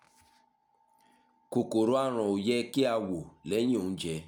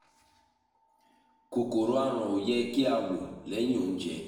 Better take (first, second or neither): first